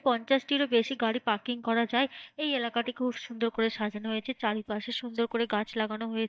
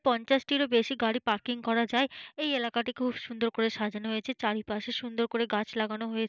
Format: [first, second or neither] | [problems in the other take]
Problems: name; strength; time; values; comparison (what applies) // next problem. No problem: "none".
second | noise reduction (neural mask model DeepFilterNet 3)